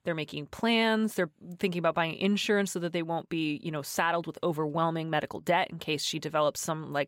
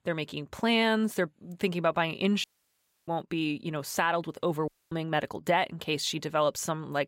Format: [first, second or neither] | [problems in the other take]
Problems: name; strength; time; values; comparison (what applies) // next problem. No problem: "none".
first | audio cutting out; at 2.5 s for 0.5 s and at 4.5 s